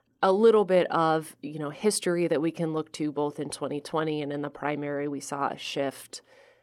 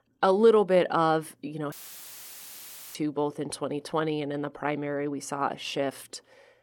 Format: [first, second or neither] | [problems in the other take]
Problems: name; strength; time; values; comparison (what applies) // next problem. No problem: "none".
first | audio cutting out; filled with static; at 1.5 s for 1 s